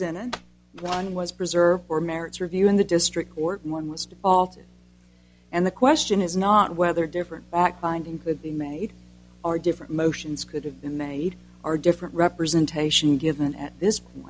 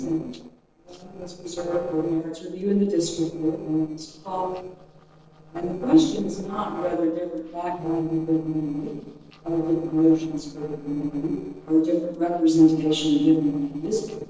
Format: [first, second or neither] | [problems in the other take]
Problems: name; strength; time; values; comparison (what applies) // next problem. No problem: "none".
first | noise reduction (neural separator model SepFormer DNS4)